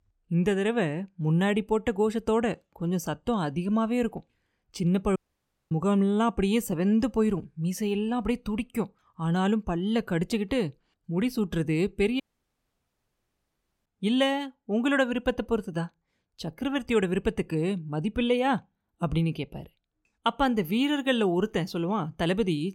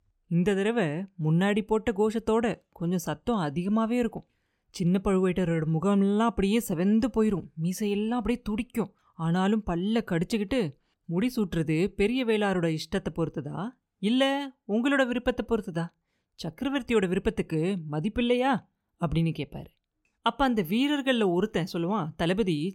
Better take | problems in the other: second | audio cutting out; at 5 s for 0.5 s and at 12 s for 1.5 s

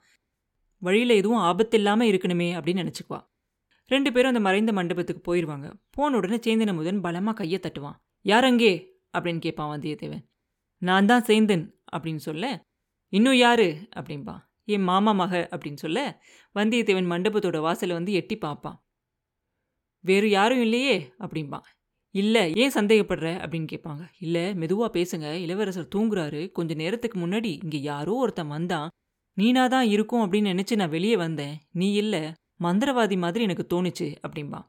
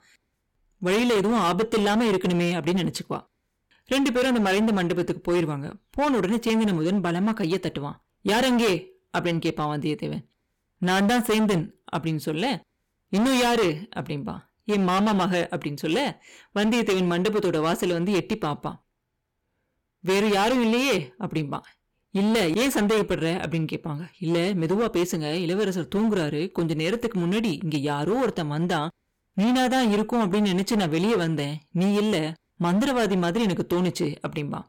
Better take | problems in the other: first | distortion; heavy; 17% of the sound clipped

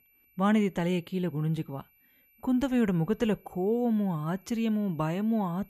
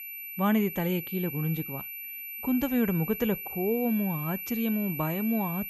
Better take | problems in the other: first | high-pitched whine; loud; throughout; 12 kHz, 6 dB below the speech; faint in the first

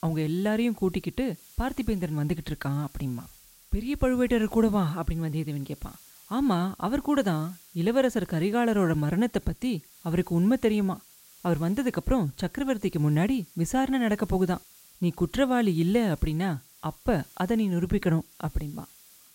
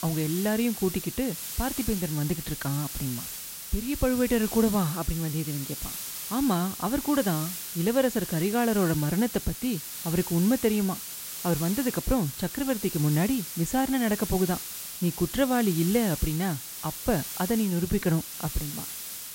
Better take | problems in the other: first | hiss; loud; throughout; 7 dB below the speech; faint in the first

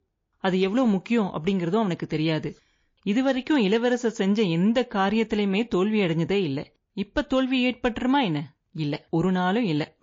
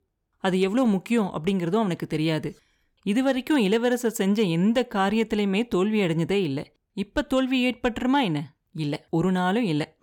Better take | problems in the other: second | garbled, watery; slightly

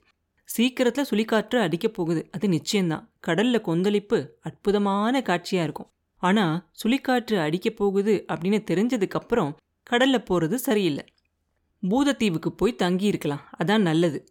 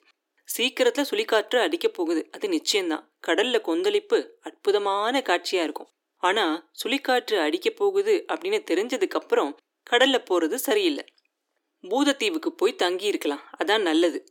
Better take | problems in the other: first | thin; somewhat; fading below 300 Hz

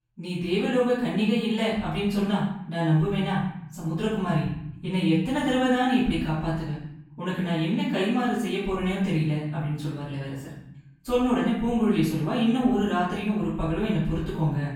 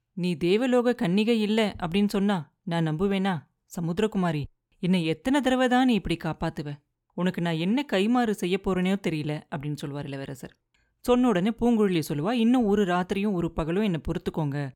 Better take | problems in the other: second | off-mic speech; far // room echo; noticeable; dies away in 0.8 s

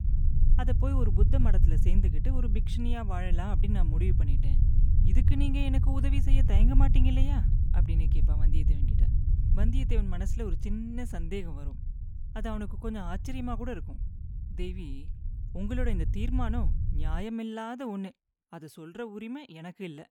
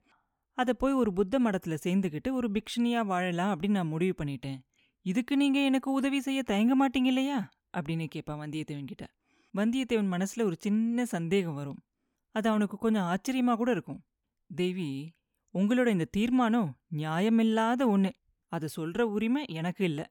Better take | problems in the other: second | low rumble; loud; until 17 s; 6 dB below the speech

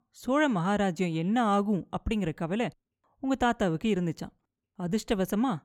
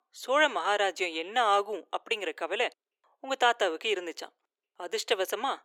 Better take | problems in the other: first | thin; very; fading below 400 Hz

